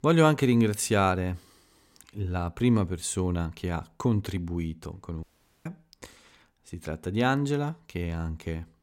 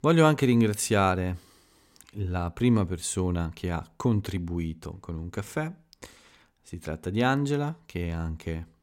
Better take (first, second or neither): second